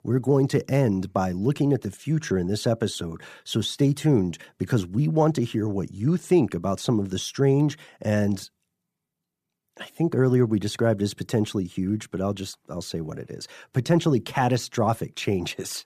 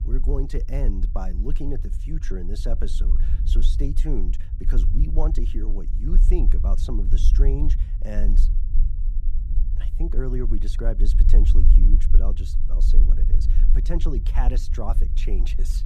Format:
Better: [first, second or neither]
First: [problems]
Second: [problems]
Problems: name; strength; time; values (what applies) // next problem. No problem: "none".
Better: first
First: none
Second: low rumble; loud; throughout; 9 dB below the speech